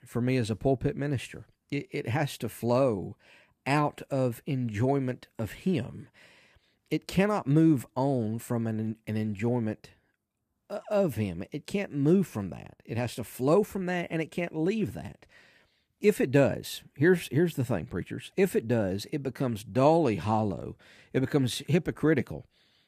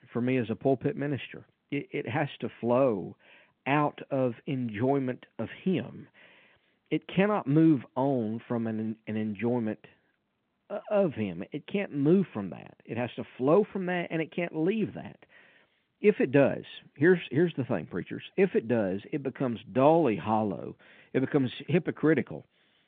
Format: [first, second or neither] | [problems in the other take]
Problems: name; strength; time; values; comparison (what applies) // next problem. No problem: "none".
first | phone-call audio; nothing above 3.5 kHz